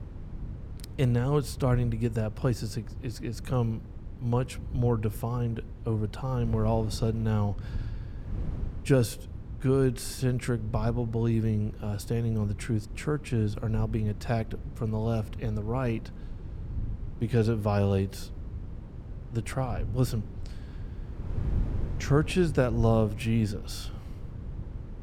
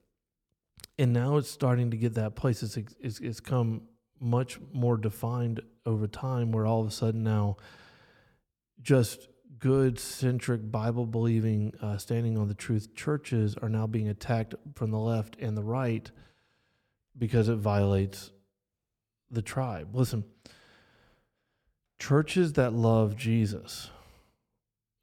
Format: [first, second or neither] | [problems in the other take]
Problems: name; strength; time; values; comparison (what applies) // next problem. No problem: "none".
second | wind noise on the microphone; occasional gusts; 20 dB below the speech